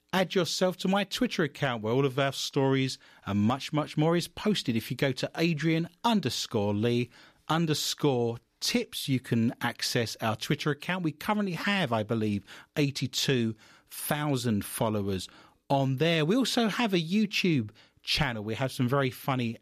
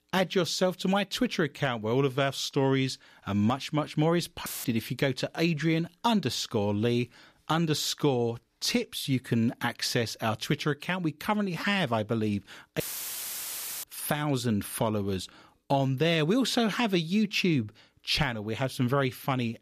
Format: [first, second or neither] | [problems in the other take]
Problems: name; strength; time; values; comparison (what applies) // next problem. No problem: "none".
first | audio cutting out; filled with static; at 4.5 s and at 13 s for 1 s